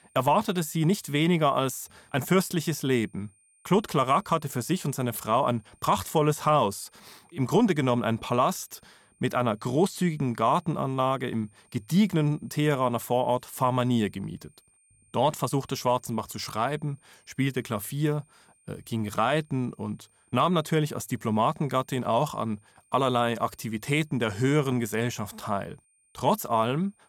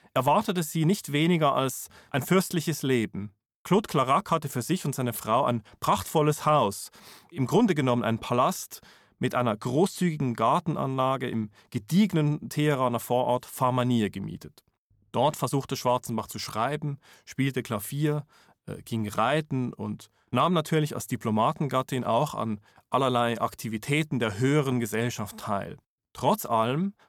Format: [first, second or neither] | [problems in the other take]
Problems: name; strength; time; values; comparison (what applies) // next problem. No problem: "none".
second | high-pitched whine; faint; throughout; 9 kHz, 35 dB below the speech